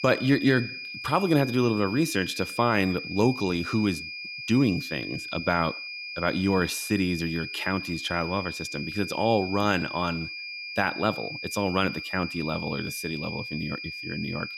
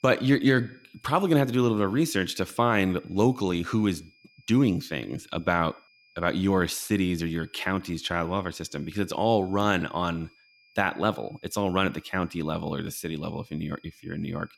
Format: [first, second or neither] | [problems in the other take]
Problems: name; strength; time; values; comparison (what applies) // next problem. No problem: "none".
second | high-pitched whine; loud; throughout; 2.5 kHz, 8 dB below the speech; faint in the second